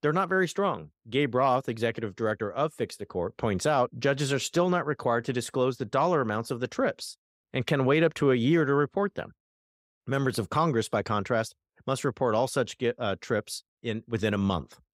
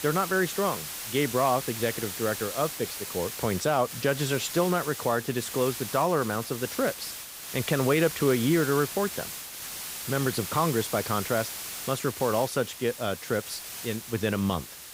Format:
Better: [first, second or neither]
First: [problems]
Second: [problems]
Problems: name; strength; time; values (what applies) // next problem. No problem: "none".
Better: first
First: none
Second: hiss; loud; throughout; 7 dB below the speech